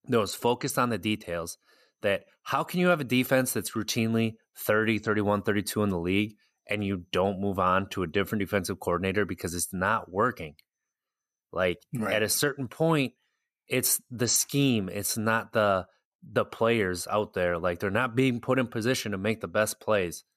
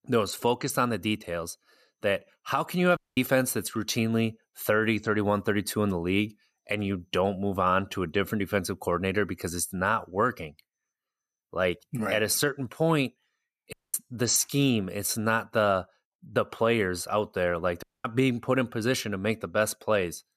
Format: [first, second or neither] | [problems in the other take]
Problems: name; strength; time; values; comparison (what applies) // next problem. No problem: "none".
first | audio cutting out; at 3 s, at 14 s and at 18 s